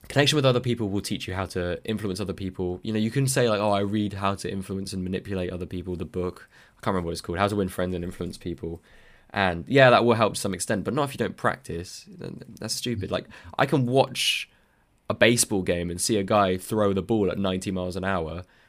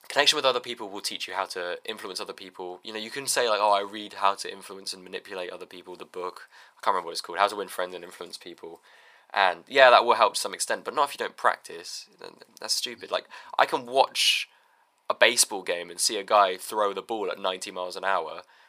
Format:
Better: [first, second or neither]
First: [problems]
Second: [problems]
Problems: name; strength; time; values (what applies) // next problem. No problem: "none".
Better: first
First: none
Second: thin; very; fading below 700 Hz